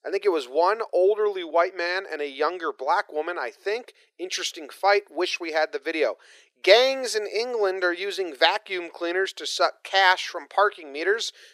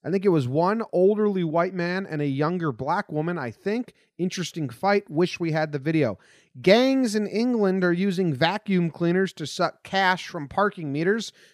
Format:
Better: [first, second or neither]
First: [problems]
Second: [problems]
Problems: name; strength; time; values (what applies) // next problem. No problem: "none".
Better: second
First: thin; very; fading below 400 Hz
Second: none